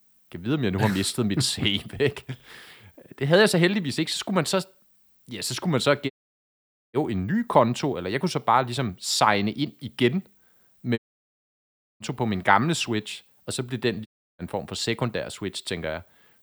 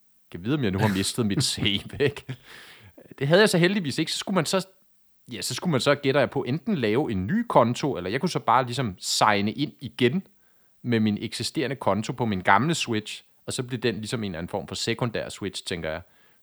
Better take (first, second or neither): second